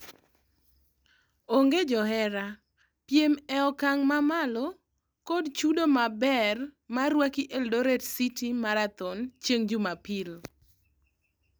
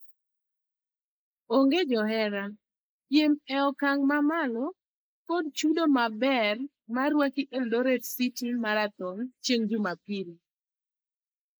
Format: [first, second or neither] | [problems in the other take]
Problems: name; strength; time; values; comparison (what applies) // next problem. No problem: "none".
first | noise reduction (neural mask model Resemble Enhance denoiser)